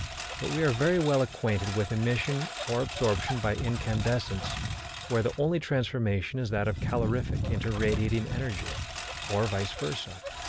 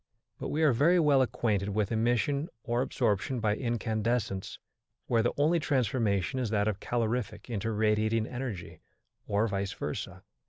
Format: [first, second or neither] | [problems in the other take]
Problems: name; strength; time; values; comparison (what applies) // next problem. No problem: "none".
second | background sound (Engine); 6 dB below the speech